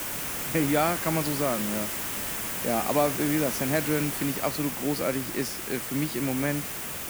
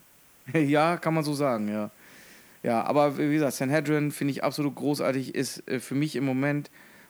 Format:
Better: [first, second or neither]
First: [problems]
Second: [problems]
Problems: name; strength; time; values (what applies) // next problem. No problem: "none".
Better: second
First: hiss; loud; throughout; 2 dB below the speech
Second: hiss; faint; throughout; 30 dB below the speech